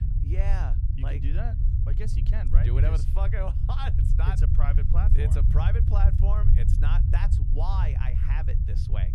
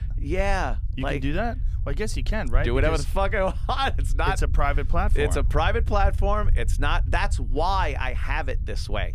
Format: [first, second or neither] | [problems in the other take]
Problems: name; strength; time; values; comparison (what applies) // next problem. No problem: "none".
second | low rumble; loud; throughout; 3 dB below the speech; faint in the second